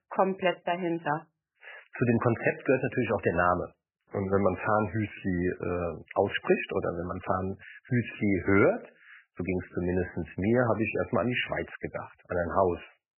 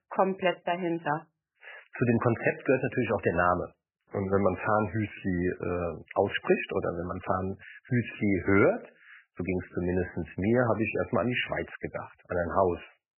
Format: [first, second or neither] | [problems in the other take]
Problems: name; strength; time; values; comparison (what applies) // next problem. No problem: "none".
neither | garbled, watery; badly; nothing above 3 kHz; the same in both